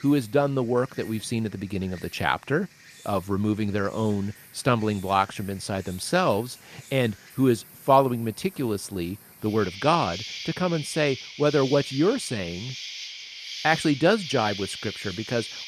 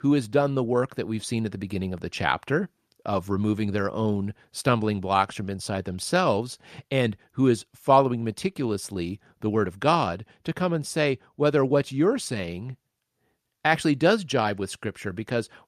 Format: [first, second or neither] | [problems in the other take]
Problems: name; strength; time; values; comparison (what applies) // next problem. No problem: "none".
second | animal sounds; noticeable; throughout; 10 dB below the speech